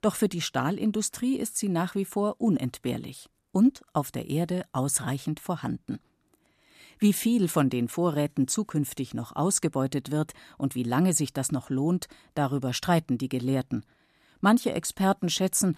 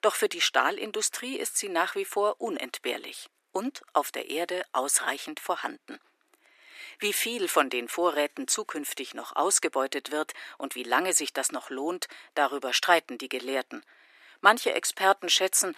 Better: first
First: none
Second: thin; very; fading below 350 Hz

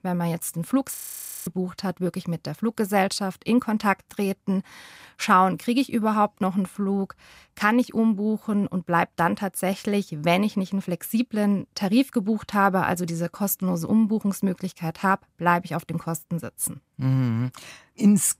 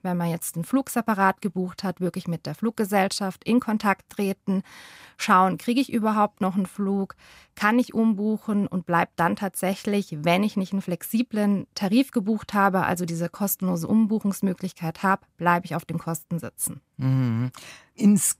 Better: second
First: audio freezing; at 1 s for 0.5 s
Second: none

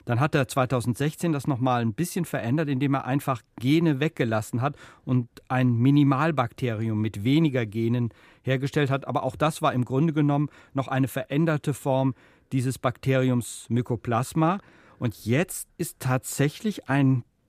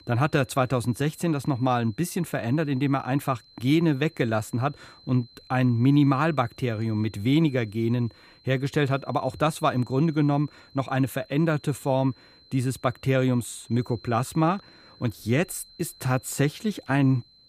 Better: first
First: none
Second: high-pitched whine; faint; throughout; 4 kHz, 25 dB below the speech

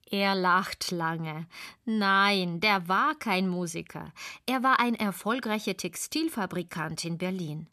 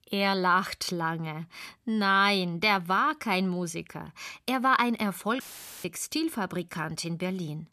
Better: first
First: none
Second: audio cutting out; filled with static; at 5.5 s

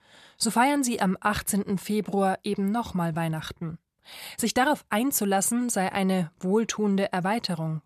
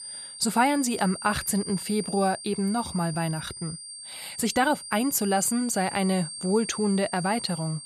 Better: first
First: none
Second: high-pitched whine; loud; throughout; 8.5 kHz, 10 dB below the speech

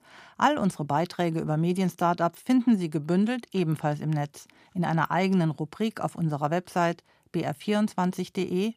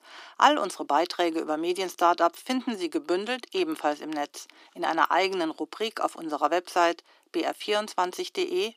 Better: first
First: none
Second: thin; very; fading below 300 Hz

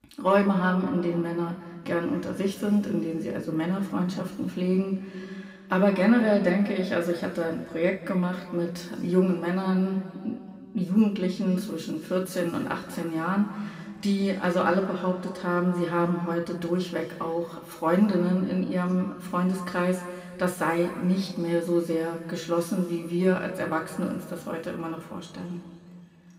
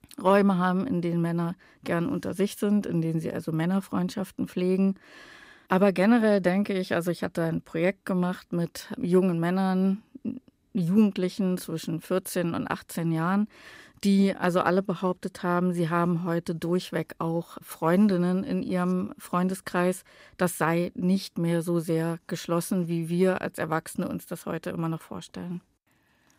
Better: second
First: room echo; noticeable; dies away in 2.2 s // off-mic speech; somewhat distant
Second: none

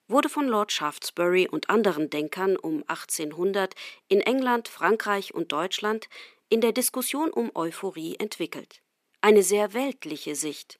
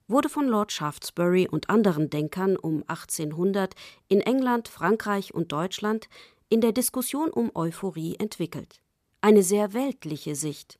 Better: second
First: thin; very slightly; fading below 250 Hz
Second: none

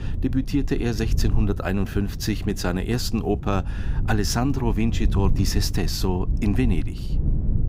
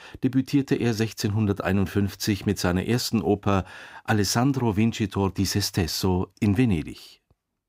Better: second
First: low rumble; noticeable; throughout; 15 dB below the speech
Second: none

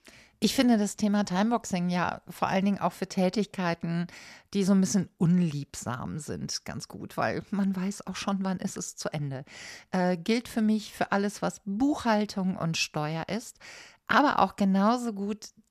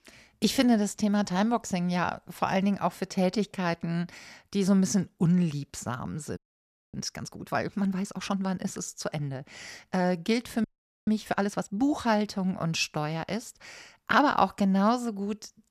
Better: first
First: none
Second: audio freezing; at 6.5 s for 0.5 s and at 11 s

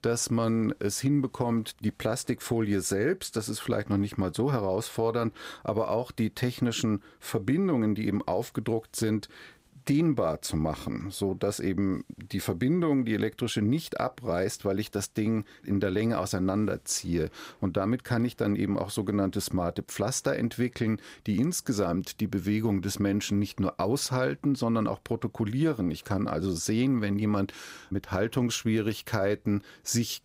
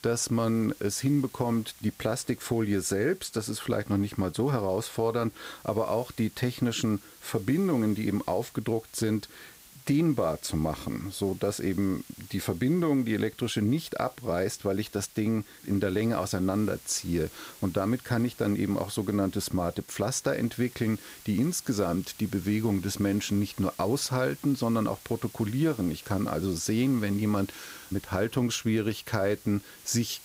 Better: first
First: none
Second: hiss; noticeable; throughout; 20 dB below the speech

